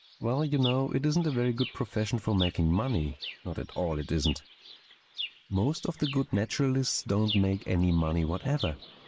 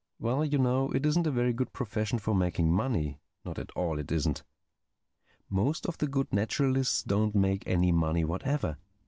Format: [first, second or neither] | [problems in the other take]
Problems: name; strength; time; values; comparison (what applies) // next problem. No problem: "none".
second | noise reduction (neural mask model Resemble Enhance denoiser)